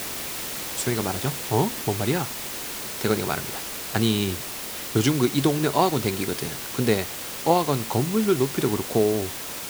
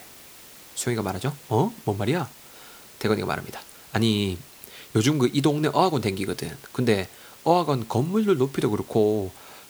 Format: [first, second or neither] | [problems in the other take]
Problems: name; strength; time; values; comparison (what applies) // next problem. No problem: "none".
second | hiss; loud; throughout; 6 dB below the speech; faint in the second